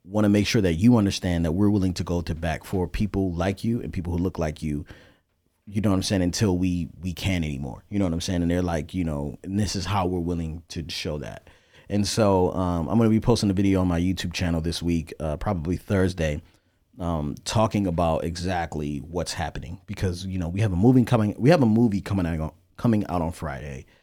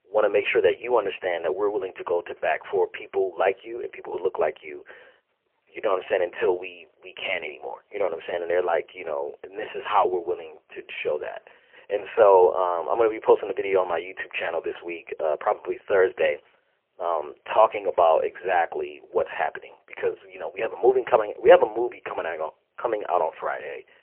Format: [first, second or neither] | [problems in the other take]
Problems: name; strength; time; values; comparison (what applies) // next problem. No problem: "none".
first | phone-call audio; poor line; nothing above 3 kHz